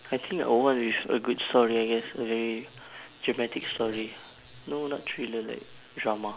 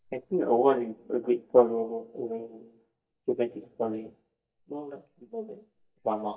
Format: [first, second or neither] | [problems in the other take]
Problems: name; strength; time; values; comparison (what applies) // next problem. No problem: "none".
first | noise reduction (neural mask model DeepFilterNet 3)